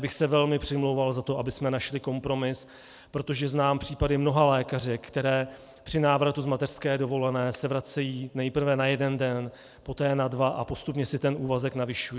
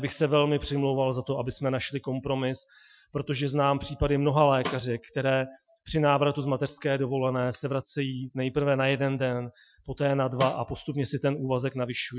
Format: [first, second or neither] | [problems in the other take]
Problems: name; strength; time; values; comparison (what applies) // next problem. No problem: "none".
first | noise reduction (classical method Wiener filter)